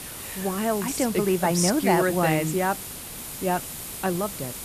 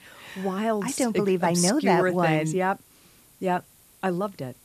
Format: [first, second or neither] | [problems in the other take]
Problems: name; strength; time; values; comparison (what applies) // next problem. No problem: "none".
second | hiss; loud; throughout; 9 dB below the speech; faint in the second